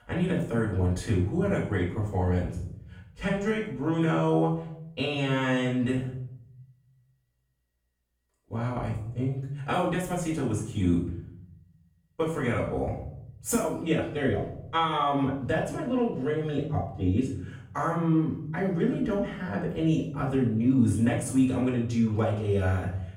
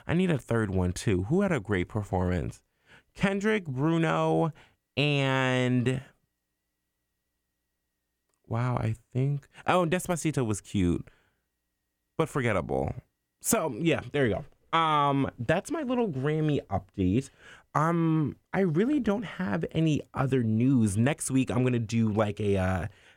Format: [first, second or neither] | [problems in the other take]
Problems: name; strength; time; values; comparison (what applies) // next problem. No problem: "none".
second | off-mic speech; far // room echo; noticeable; dies away in 0.7 s